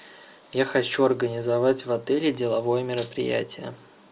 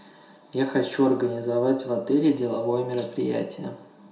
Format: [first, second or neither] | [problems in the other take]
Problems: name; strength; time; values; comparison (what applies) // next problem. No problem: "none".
first | room echo; dies away in 0.5 s